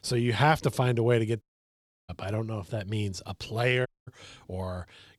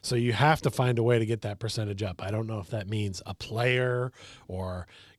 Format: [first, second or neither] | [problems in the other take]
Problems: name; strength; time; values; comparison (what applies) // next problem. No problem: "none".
second | audio cutting out; at 1.5 s for 0.5 s and at 4 s